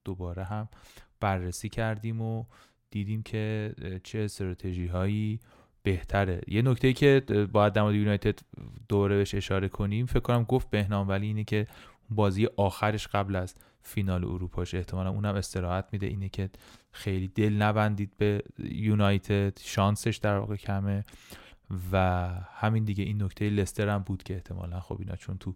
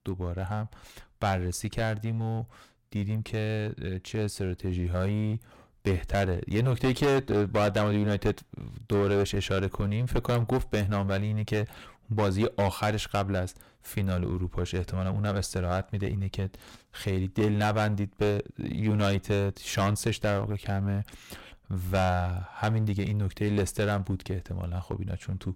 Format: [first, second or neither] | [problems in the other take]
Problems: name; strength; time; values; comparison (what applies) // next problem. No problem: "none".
first | distortion; heavy; 11% of the sound clipped